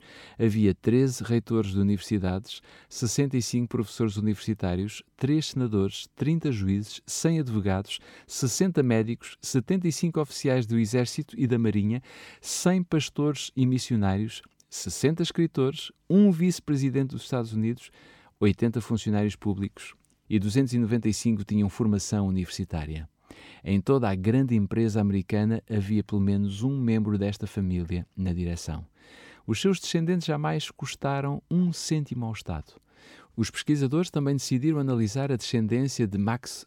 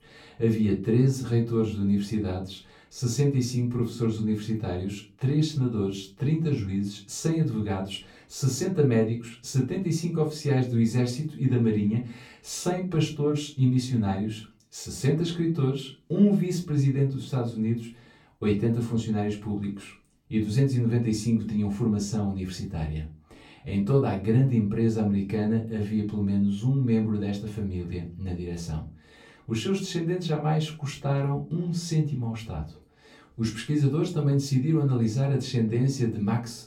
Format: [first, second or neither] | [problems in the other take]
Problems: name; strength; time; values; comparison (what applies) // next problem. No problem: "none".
first | off-mic speech; far // room echo; slight; dies away in 0.3 s